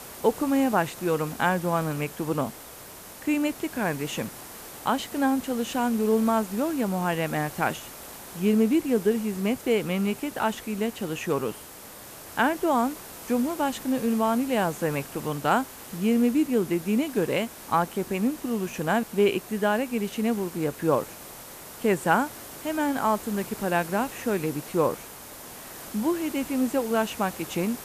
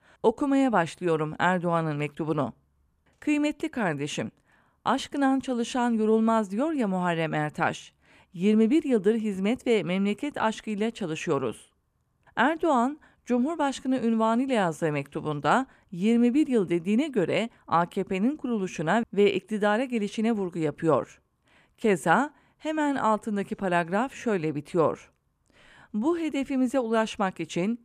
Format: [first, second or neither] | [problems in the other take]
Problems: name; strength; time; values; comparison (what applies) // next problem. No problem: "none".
second | hiss; noticeable; throughout; 15 dB below the speech